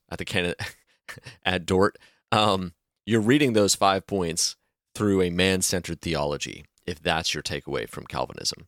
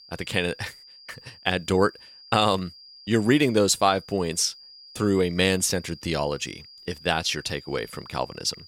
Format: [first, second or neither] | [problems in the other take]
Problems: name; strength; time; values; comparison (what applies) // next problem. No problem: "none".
first | high-pitched whine; faint; throughout; 5 kHz, 20 dB below the speech